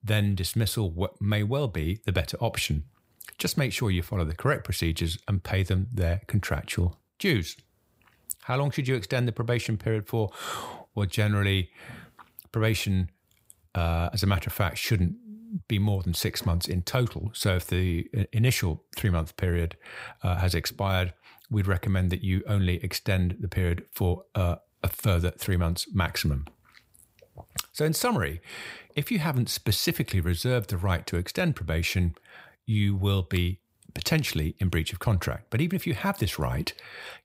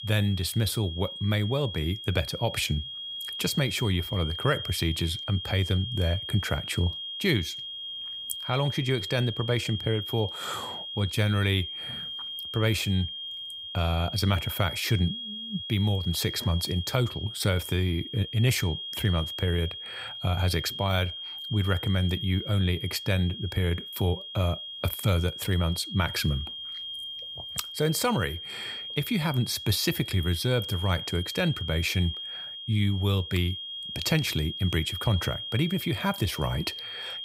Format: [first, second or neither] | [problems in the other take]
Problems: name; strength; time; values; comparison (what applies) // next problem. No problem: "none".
first | high-pitched whine; loud; throughout; 3 kHz, 7 dB below the speech